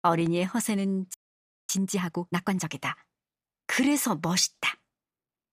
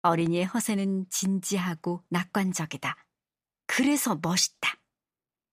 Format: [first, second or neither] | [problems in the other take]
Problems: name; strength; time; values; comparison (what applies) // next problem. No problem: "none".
second | audio freezing; at 1 s for 0.5 s